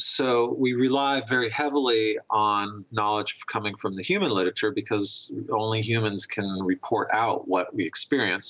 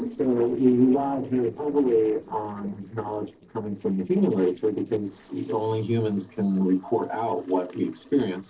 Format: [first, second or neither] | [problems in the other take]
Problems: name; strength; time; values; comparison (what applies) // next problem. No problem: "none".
first | noise reduction (neural separator model SepFormer DNS4)